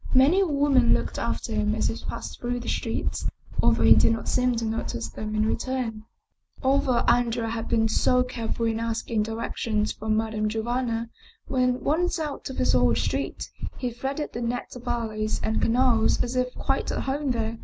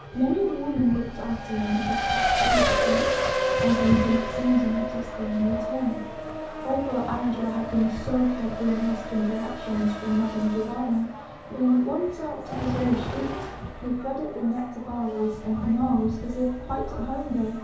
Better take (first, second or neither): first